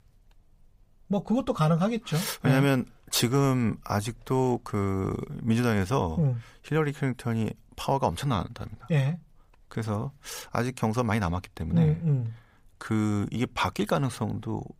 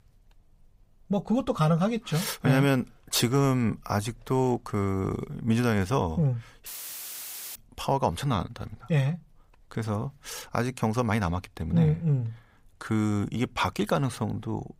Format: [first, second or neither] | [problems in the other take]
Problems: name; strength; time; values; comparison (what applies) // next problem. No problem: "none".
first | audio cutting out; filled with static; at 6.5 s for 1 s